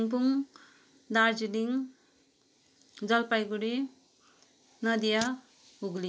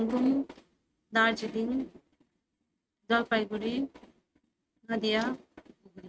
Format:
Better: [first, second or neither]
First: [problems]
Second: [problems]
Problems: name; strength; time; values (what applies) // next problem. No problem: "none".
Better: first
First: none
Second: noise reduction (neural mask model RNNoise)